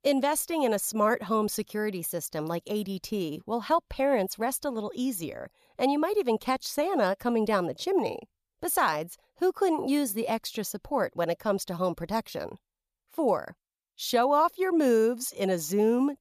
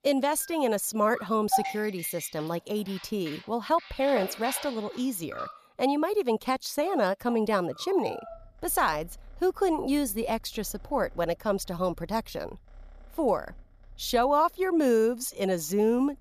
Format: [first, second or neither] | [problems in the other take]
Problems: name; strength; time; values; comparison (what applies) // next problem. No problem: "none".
first | animal sounds; noticeable; throughout; 10 dB below the speech